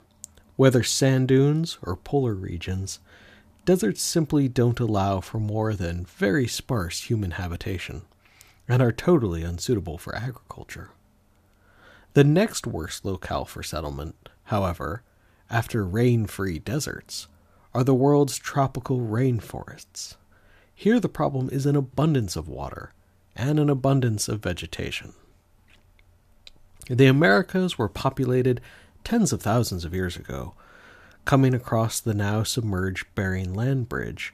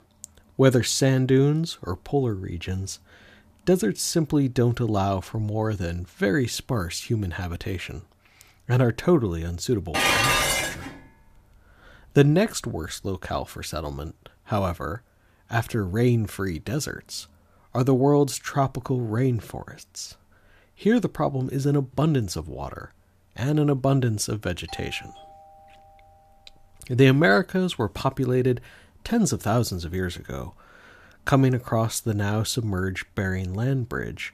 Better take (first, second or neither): first